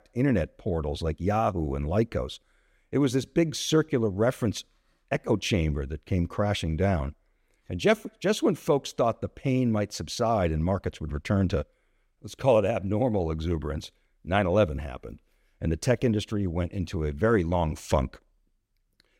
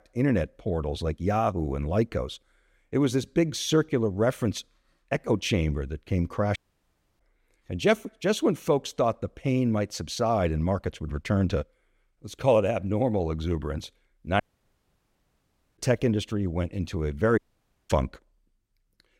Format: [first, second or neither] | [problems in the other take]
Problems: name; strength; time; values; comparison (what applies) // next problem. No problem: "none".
first | audio cutting out; at 6.5 s for 0.5 s, at 14 s for 1.5 s and at 17 s for 0.5 s